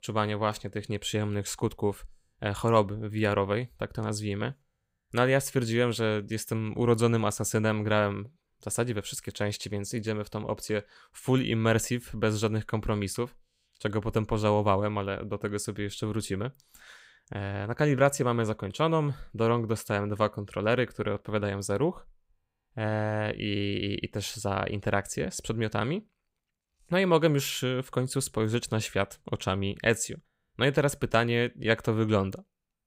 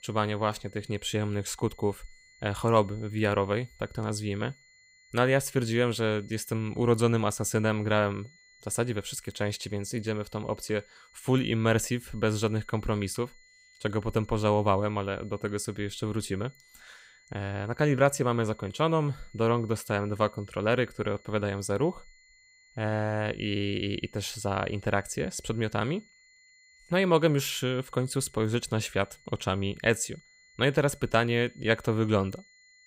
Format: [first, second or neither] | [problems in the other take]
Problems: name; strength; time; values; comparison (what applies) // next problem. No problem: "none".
first | high-pitched whine; faint; throughout; 2 kHz, 30 dB below the speech